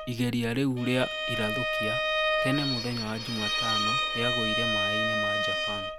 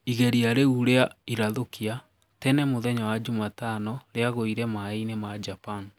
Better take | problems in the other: second | background sound (Bowed string instrument); 2 dB above the speech

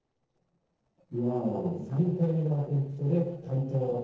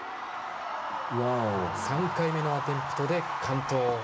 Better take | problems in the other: second | noise reduction (neural separator model SepFormer DNS4)

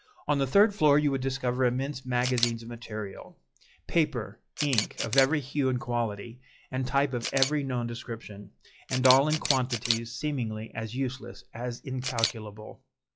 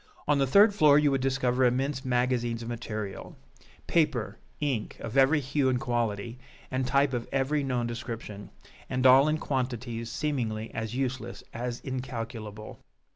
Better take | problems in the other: second | noise reduction (classical method log-MMSE)

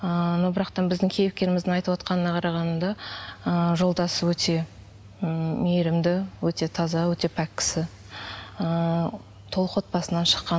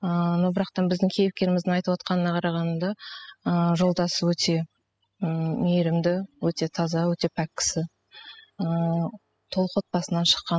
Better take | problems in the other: first | noise reduction (classical method spectral subtraction)

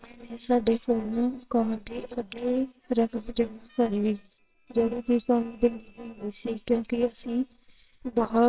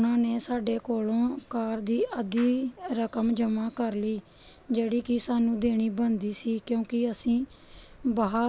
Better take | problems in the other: second | noise reduction (neural separator model SepFormer WHAMR!)

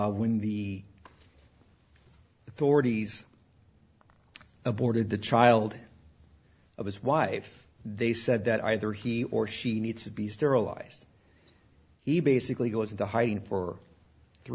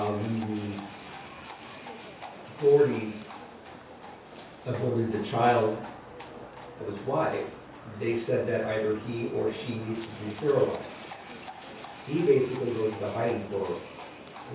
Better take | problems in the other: first | background sound (Livestock, farm animals, working animals); 14 dB below the speech // room echo; dies away in 0.6 s

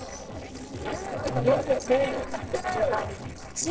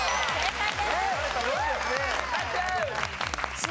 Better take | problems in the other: second | noise reduction (neural separator model SepFormer DNS4)

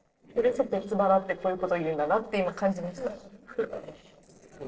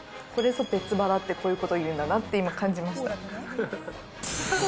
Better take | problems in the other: second | noise reduction (neural separator model SepFormer DNS4)

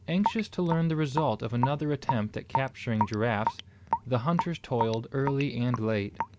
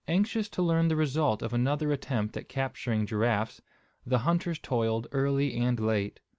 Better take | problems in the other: second | background sound (Raindrop / Drip); 6 dB below the speech

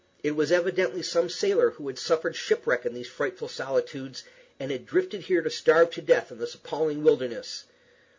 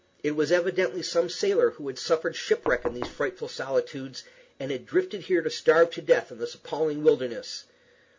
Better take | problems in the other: first | background sound (Knock); 11 dB below the speech

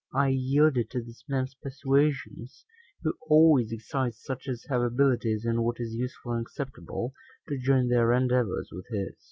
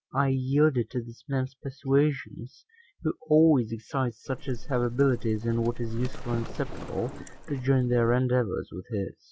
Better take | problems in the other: first | background sound (Livestock, farm animals, working animals); 8 dB below the speech

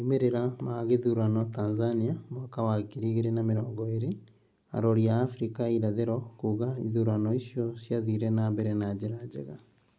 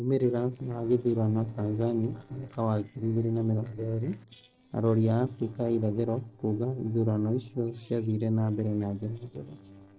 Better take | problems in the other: first | noise reduction (neural separator model SepFormer DNS4)

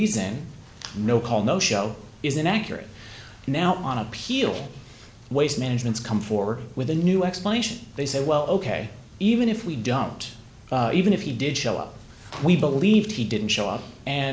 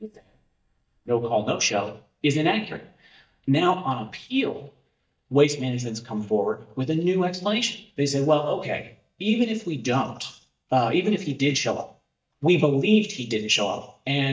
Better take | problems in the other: first | noise reduction (neural mask model DeepFilterNet 3)

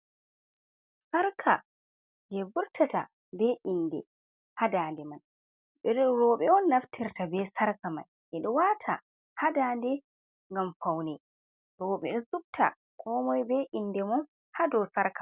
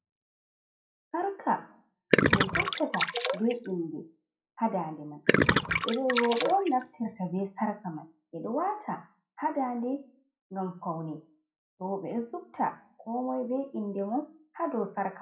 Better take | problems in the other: first | noise reduction (classical method WPE with log-MMSE)

